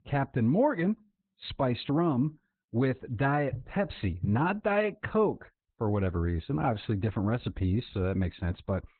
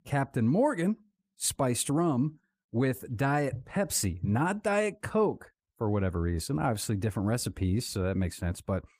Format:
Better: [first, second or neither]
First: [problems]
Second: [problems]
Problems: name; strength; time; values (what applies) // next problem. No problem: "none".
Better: second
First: garbled, watery; badly; nothing above 4 kHz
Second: garbled, watery; slightly; nothing above 15 kHz